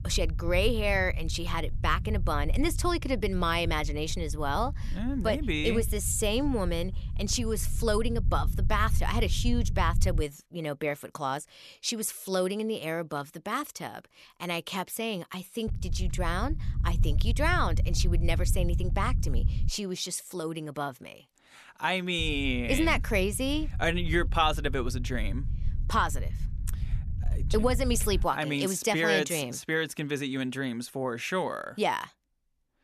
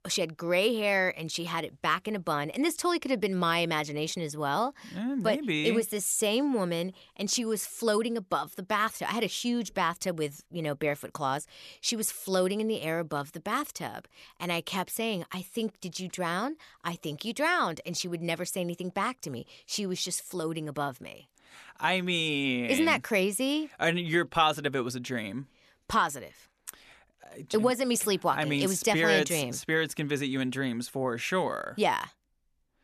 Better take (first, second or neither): second